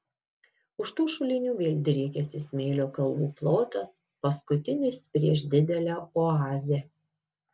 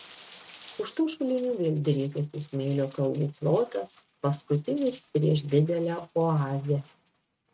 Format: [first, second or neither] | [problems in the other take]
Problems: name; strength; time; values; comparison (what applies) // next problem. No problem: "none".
first | noise reduction (neural mask model RNNoise)